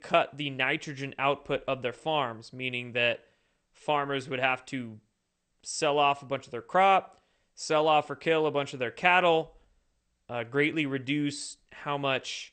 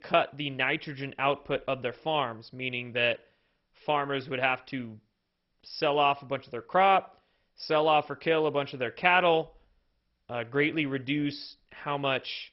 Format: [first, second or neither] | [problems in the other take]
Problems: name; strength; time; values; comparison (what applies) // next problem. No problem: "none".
first | garbled, watery; badly; nothing above 5.5 kHz; slightly in the first